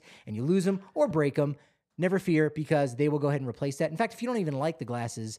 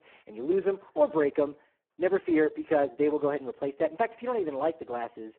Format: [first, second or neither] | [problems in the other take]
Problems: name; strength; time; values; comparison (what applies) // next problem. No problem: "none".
first | phone-call audio; poor line; nothing above 3.5 kHz